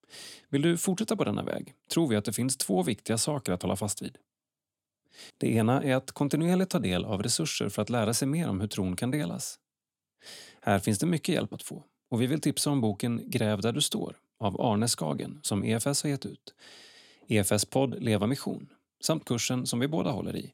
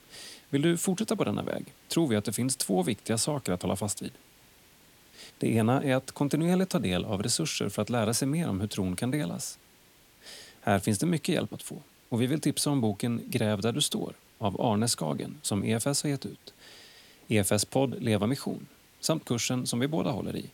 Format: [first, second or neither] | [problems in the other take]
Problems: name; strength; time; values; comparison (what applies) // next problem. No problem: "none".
first | hiss; faint; throughout; 30 dB below the speech